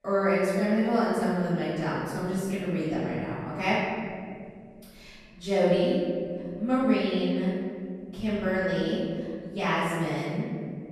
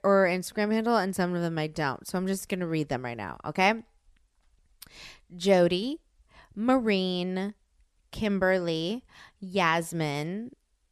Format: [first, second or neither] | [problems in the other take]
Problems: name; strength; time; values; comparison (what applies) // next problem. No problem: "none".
second | room echo; strong; dies away in 2.5 s // off-mic speech; far